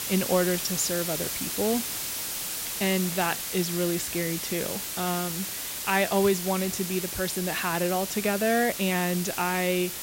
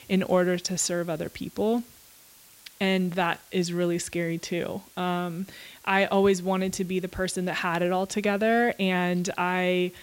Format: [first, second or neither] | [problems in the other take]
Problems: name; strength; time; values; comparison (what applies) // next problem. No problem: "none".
second | hiss; loud; throughout; 3 dB below the speech; faint in the second